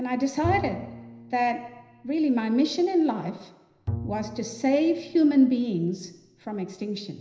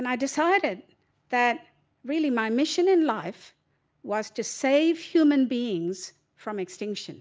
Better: second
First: background sound (Bowed string instrument); 13 dB below the speech // room echo; dies away in 0.9 s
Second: none

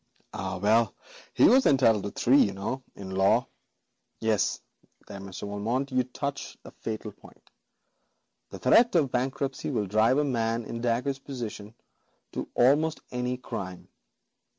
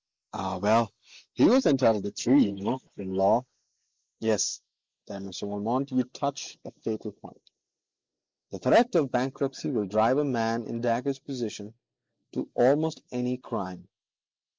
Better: first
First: none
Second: noise reduction (neural mask model Resemble Enhance denoiser)

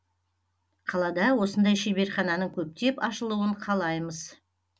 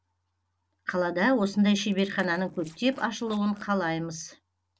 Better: first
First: none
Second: noise reduction (neural separator model SepFormer DNS4)

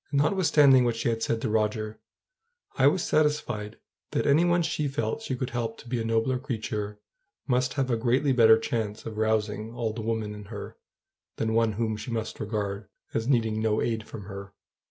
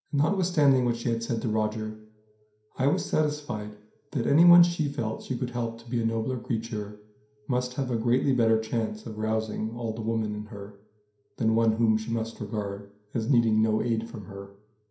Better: first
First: none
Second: room echo; dies away in 0.5 s

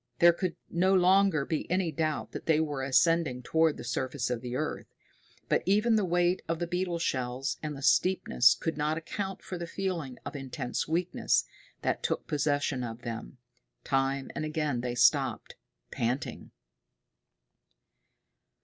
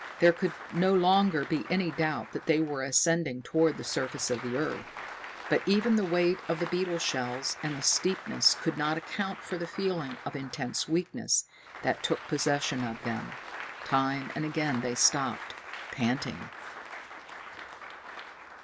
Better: first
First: none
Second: background sound (Applause); 13 dB below the speech

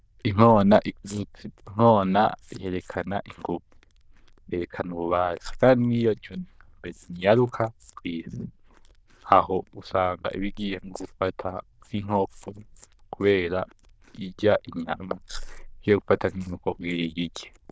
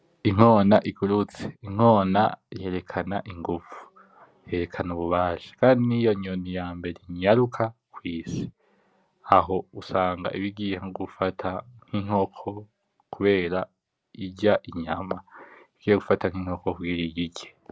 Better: second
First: noise reduction (neural diffusion model UNIVERSE++)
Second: none

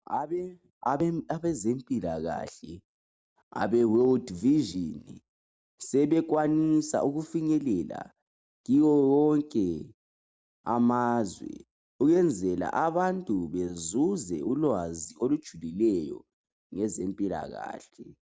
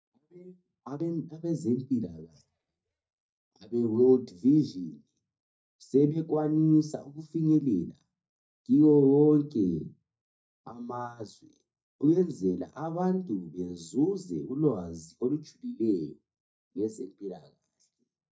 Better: first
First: none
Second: noise reduction (neural mask model DeepFilterNet 3)

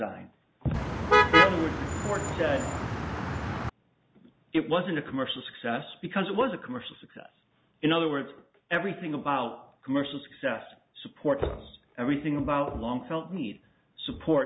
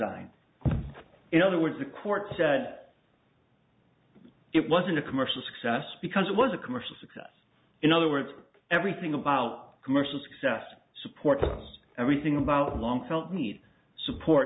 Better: second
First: background sound (Motor vehicle (road)); 5 dB above the speech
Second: none

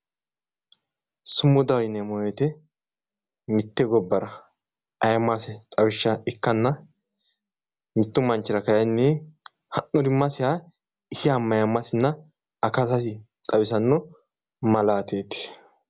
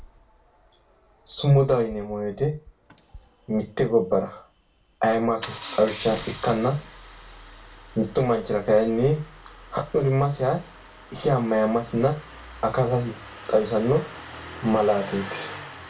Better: first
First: none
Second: background sound (Engine starting); 17 dB below the speech // room echo; dies away in 0.2 s

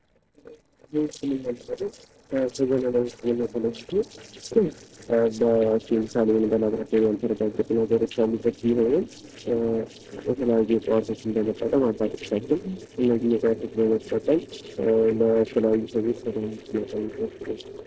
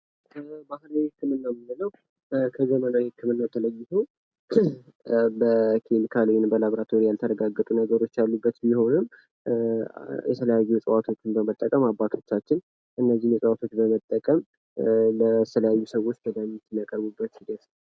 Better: second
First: noise reduction (neural separator model SepFormer DNS4)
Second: none

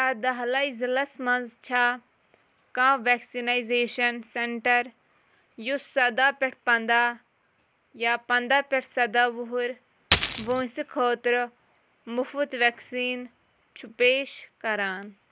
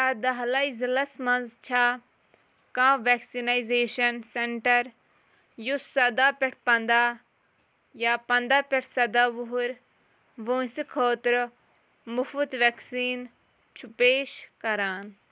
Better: second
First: background sound (Coin (dropping)); as loud as the speech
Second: none

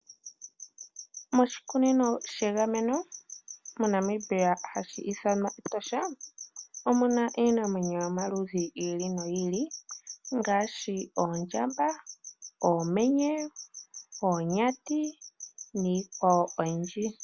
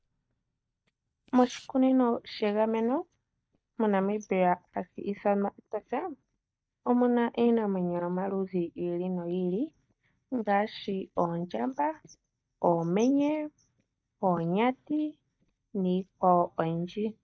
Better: first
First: none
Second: noise reduction (neural mask model DeepFilterNet 3)

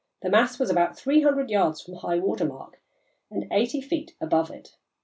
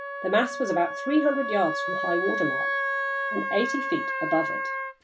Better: first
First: none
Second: background sound (Wind instrument, woodwind instrument); 2 dB below the speech

